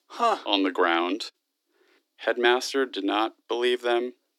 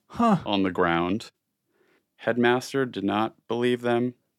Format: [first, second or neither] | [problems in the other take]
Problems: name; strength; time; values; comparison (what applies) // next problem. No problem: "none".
second | thin; very slightly; fading below 250 Hz